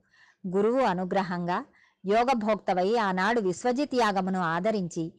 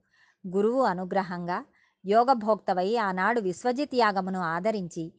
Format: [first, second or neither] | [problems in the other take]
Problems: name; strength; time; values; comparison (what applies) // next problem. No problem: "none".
second | distortion; slight; 10 dB below the speech